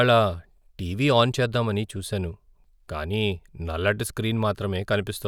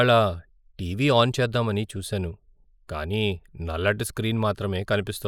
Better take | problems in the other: first | noise reduction (neural mask model Resemble Enhance denoiser)

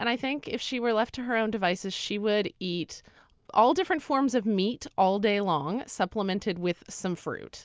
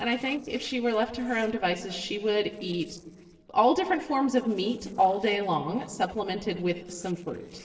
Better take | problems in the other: first | noise reduction (neural separator model SepFormer DNS4)

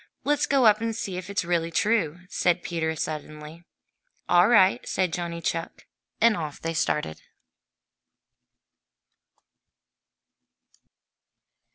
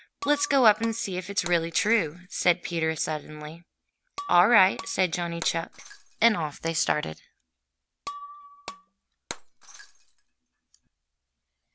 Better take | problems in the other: first | background sound (Shatter); 16 dB below the speech

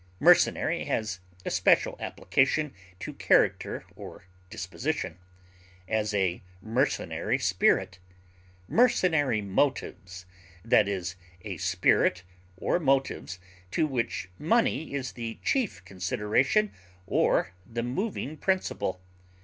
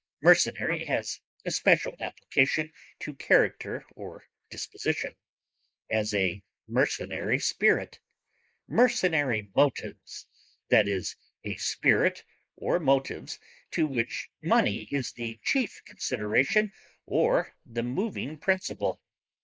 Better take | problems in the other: first | noise reduction (neural mask model Resemble Enhance denoiser)

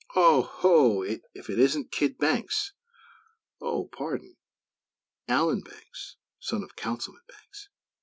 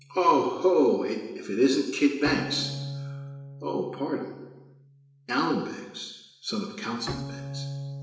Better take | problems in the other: first | background sound (Bowed string instrument); 12 dB below the speech // room echo; dies away in 1 s

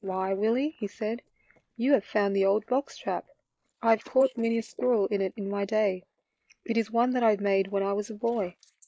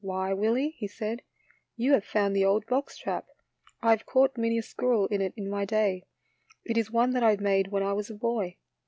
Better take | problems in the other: second | noise reduction (neural mask model Resemble Enhance denoiser)

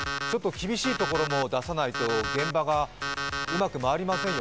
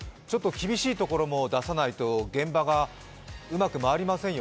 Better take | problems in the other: second | background sound (Alarm); 5 dB below the speech

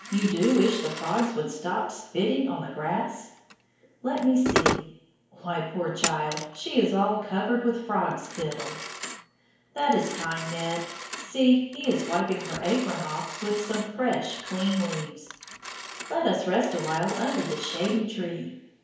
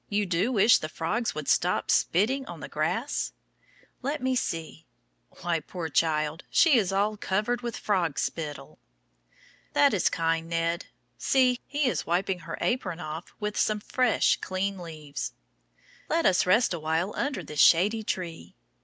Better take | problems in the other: second | background sound (Telephone); 9 dB below the speech // room echo; dies away in 1 s

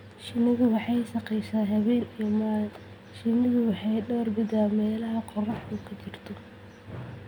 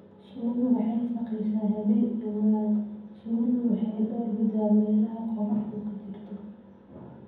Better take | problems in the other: first | room echo; dies away in 1.2 s

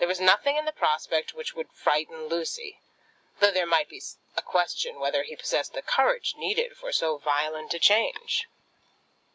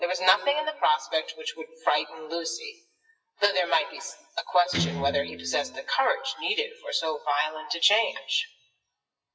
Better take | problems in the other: first | noise reduction (classical method WPE with log-MMSE)

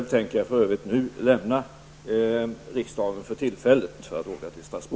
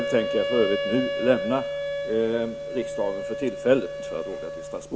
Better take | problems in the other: first | background sound (Wind instrument, woodwind instrument); 4 dB below the speech

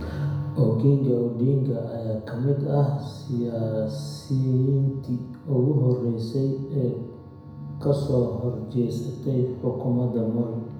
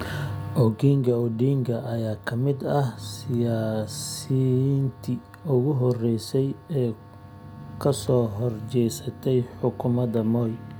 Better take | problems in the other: second | room echo; dies away in 1 s

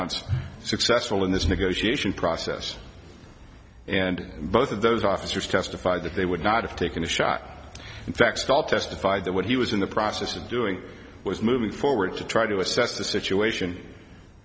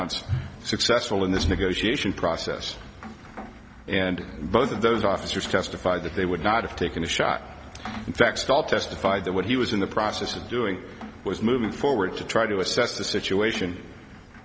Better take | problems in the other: first | background sound (Rain); 17 dB below the speech

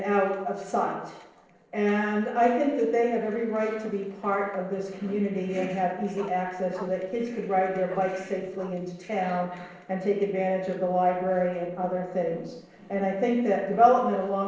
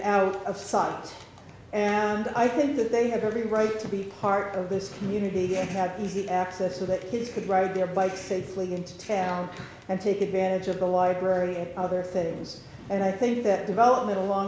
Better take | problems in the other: second | noise reduction (neural separator model SepFormer DNS4)

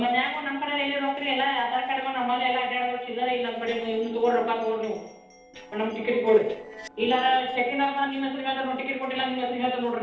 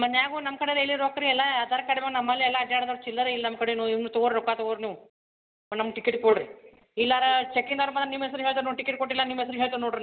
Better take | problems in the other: second | noise reduction (neural separator model SepFormer DNS4)

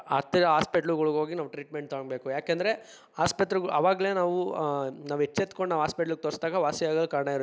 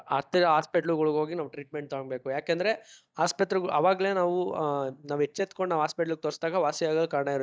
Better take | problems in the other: first | noise reduction (neural mask model DeepFilterNet 3)

